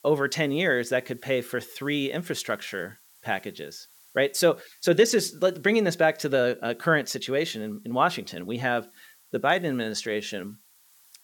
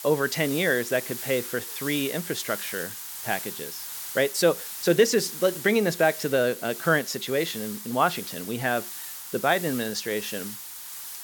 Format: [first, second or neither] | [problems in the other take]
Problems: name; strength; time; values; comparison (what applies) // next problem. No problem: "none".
first | hiss; loud; throughout; 9 dB below the speech; faint in the first